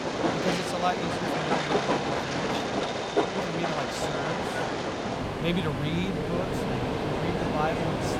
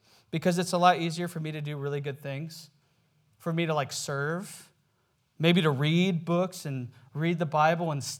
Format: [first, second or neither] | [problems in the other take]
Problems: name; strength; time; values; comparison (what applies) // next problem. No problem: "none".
second | train or aircraft noise; very loud; throughout; 5 dB above the speech